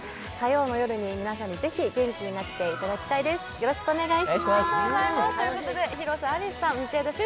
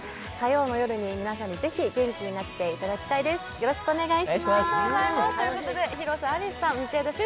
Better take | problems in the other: second | background sound (Bird); 16 dB below the speech

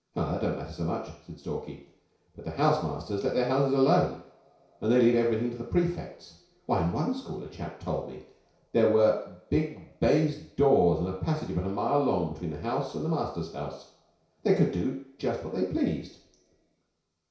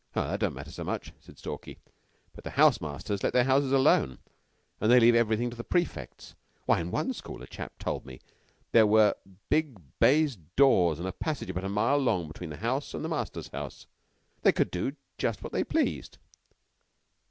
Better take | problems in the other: second | room echo; dies away in 0.6 s

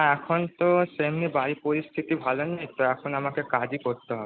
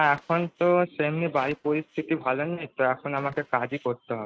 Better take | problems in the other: first | noise reduction (neural mask model RNNoise)

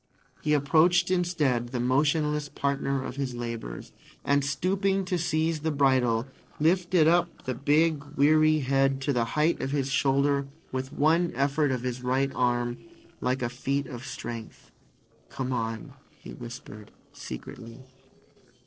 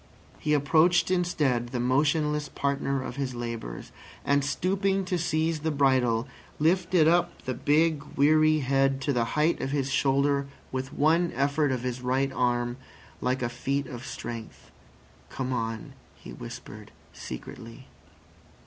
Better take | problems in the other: second | noise reduction (neural separator model SepFormer DNS4)

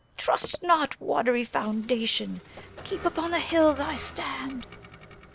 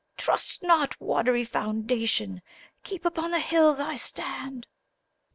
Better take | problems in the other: second | background sound (Knock + Vehicle); 16 dB below the speech

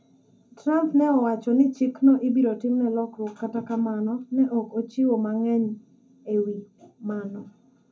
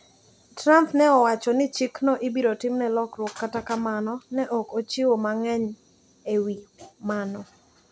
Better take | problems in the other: second | room echo; dies away in 0.3 s

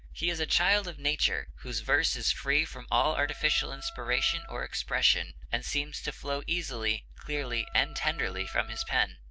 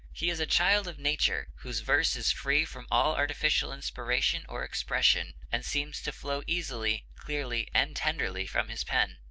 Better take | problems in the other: second | background sound (Wind instrument, woodwind instrument); 19 dB below the speech

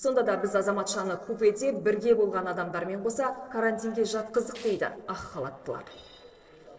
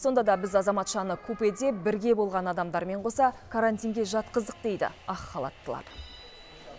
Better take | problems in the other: second | noise reduction (neural separator model SepFormer DNS4)

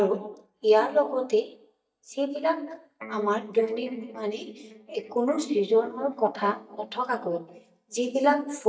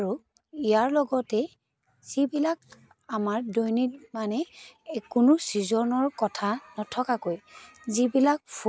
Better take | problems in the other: second | noise reduction (neural mask model DeepFilterNet 3)

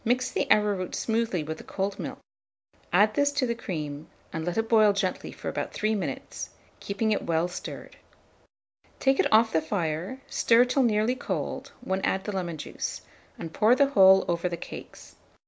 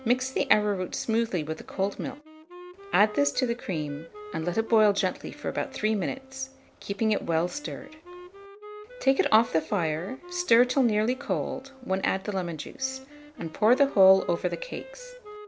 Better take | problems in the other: first | background sound (Wind instrument, woodwind instrument); 18 dB below the speech

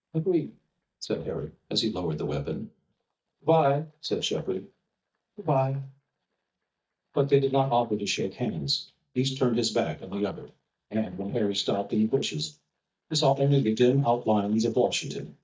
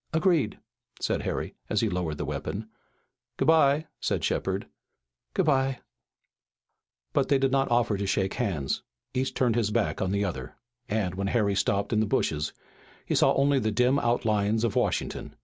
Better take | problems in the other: second | noise reduction (neural mask model DeepFilterNet 3)

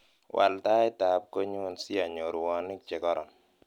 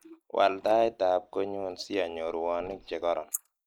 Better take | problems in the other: first | noise reduction (neural mask model Resemble Enhance denoiser)

